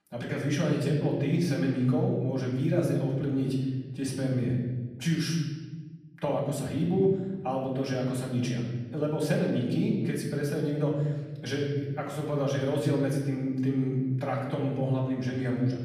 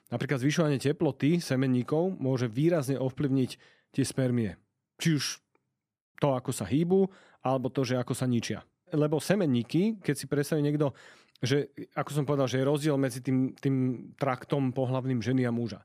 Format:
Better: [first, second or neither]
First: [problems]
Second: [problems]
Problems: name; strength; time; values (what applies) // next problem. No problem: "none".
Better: second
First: room echo; noticeable; dies away in 1.4 s // off-mic speech; far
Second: none